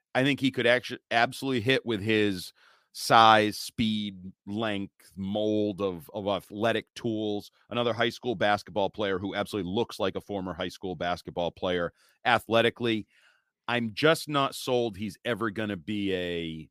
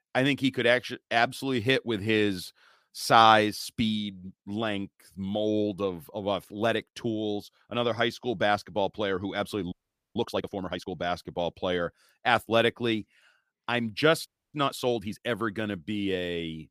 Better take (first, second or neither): first